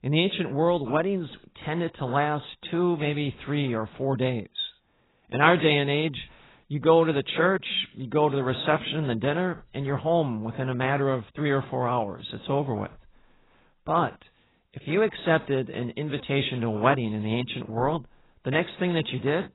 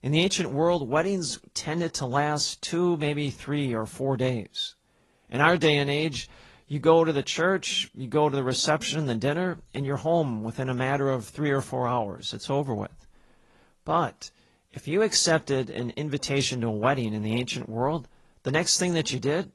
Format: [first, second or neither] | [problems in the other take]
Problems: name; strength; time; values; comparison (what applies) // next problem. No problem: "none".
second | garbled, watery; badly; nothing above 4 kHz; slightly in the second